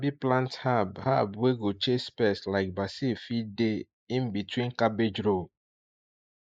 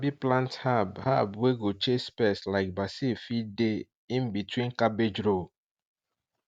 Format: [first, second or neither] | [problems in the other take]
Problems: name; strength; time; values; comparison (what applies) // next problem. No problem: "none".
second | noise reduction (neural mask model Resemble Enhance denoiser)